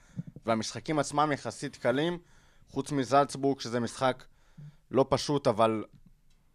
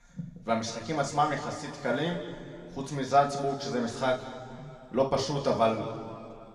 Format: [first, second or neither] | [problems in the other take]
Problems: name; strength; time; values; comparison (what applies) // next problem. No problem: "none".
first | room echo; noticeable; dies away in 2.2 s // off-mic speech; far